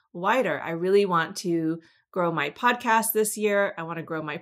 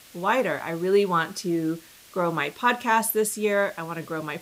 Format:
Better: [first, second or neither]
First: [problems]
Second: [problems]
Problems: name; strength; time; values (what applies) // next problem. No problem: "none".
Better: first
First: none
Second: hiss; faint; throughout; 25 dB below the speech